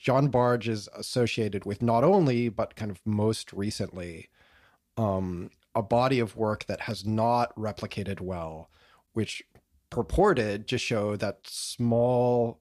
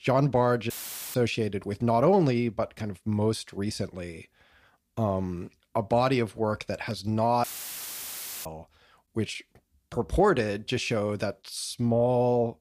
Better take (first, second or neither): first